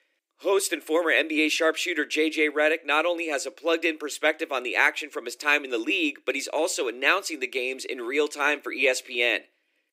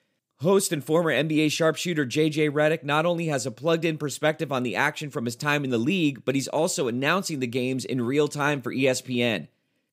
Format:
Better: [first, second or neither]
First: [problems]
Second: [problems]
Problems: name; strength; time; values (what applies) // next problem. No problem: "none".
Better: second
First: thin; somewhat; fading below 300 Hz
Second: none